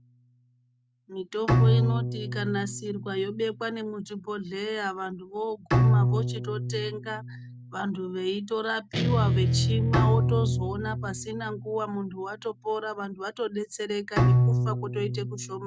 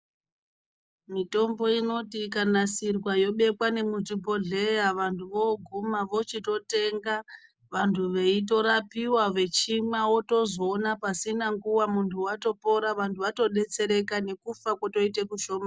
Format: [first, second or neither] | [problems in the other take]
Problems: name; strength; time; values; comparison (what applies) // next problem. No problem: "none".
second | background sound (Bowed string instrument + Guitar); 5 dB above the speech